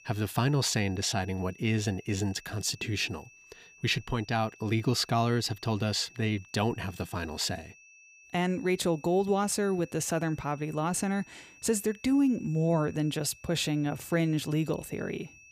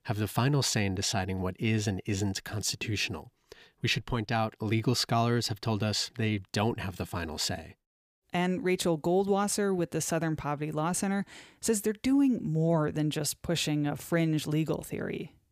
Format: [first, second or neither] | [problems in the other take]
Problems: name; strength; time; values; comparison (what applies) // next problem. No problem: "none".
second | high-pitched whine; faint; throughout; 2.5 kHz, 25 dB below the speech